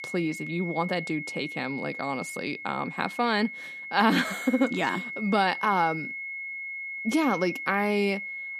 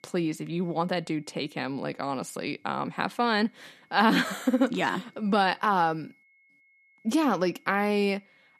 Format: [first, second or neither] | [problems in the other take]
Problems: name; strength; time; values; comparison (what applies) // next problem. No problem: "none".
second | high-pitched whine; loud; throughout; 2 kHz, 7 dB below the speech; faint in the second